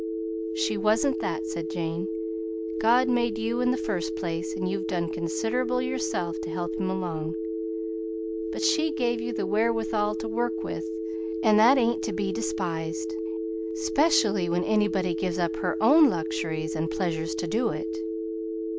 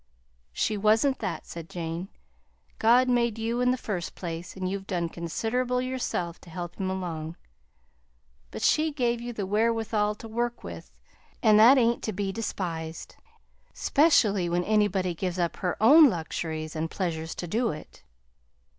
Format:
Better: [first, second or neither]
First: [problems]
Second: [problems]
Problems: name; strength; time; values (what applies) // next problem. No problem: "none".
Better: second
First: background sound (Telephone); 2 dB below the speech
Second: none